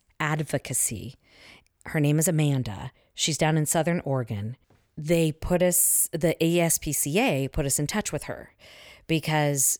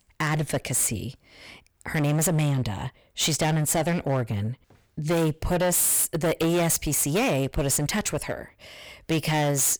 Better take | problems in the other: first | distortion; heavy; 17% of the sound clipped

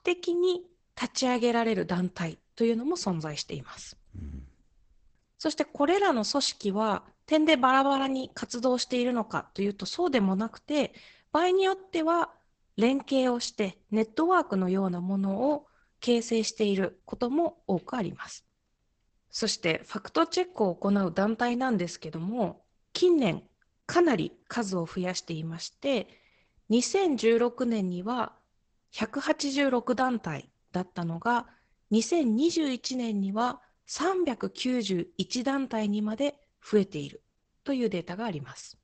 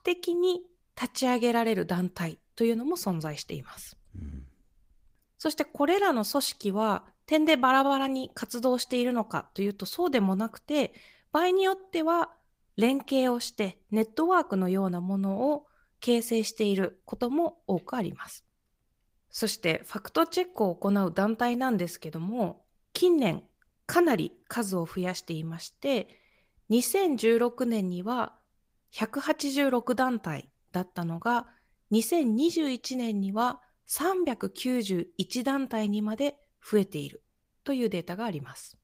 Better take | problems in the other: second | garbled, watery; badly; nothing above 8 kHz; slightly in the second

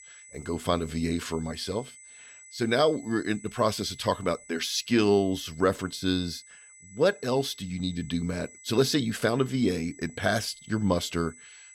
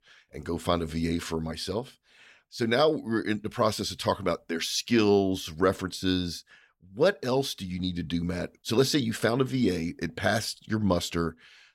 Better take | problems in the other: second | high-pitched whine; faint; throughout; 8 kHz, 20 dB below the speech

